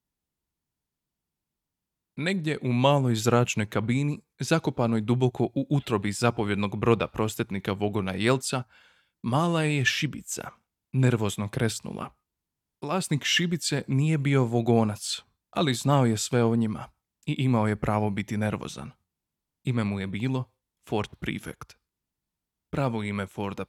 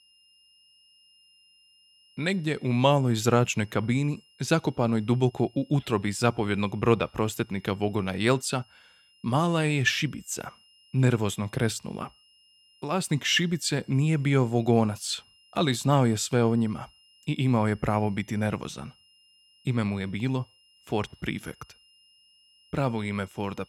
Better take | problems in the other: first | high-pitched whine; faint; throughout; 3 kHz, 30 dB below the speech

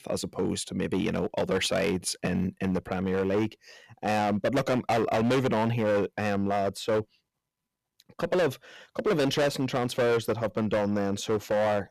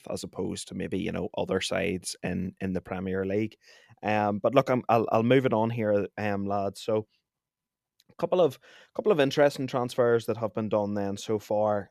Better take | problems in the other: second | distortion; heavy; 14% of the sound clipped

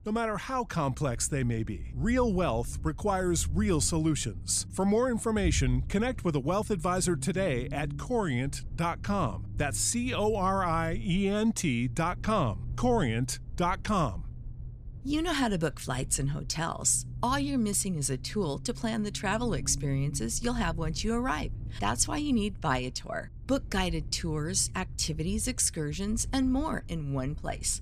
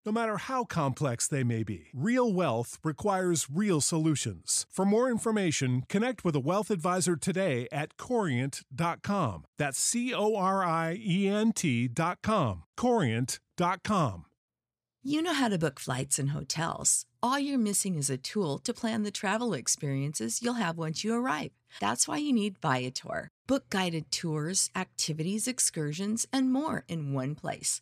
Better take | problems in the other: second | low rumble; faint; throughout; 25 dB below the speech

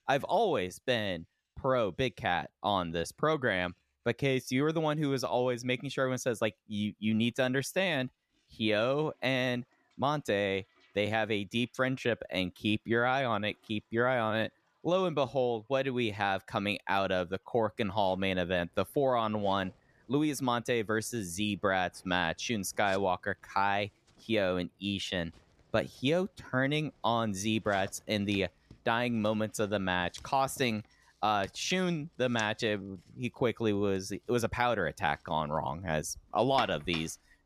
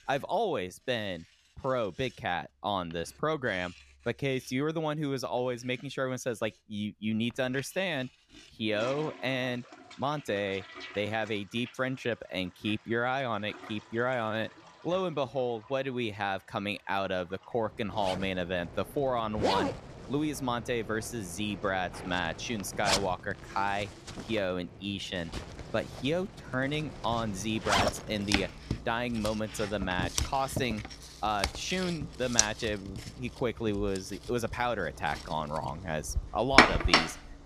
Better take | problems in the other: first | household noises; loud; throughout; as loud as the speech; faint in the first

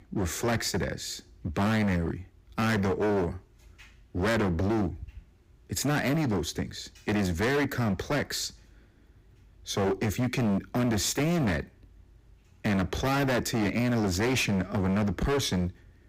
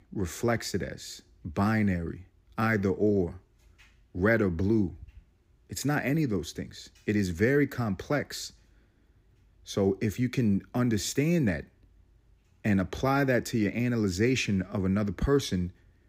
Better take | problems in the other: second | distortion; heavy; 22% of the sound clipped

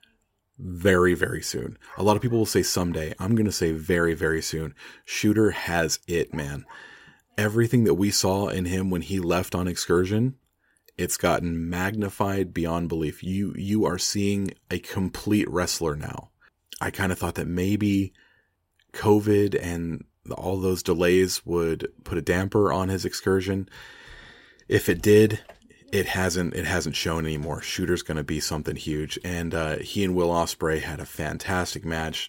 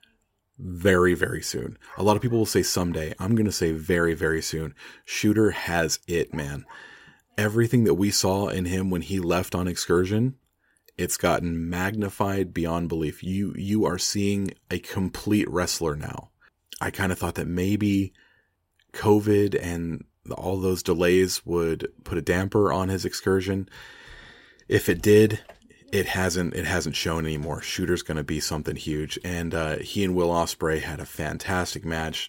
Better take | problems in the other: neither | none

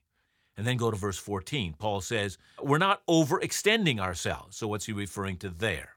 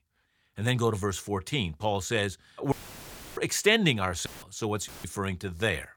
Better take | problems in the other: first | audio cutting out; filled with static; at 2.5 s for 0.5 s, at 4.5 s and at 5 s

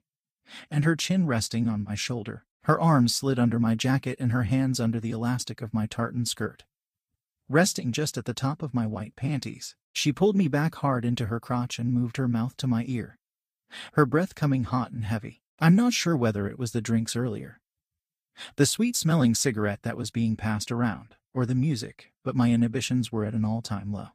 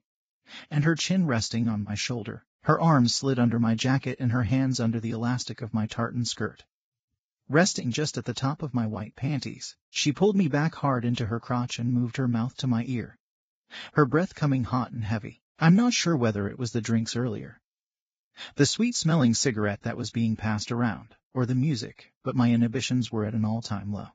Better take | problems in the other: first | garbled, watery; badly; nothing above 7.5 kHz; slightly in the first

